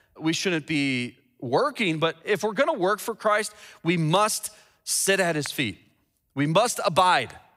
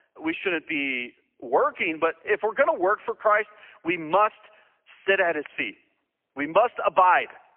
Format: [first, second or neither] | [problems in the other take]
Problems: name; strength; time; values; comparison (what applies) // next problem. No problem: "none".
first | phone-call audio; poor line; nothing above 3 kHz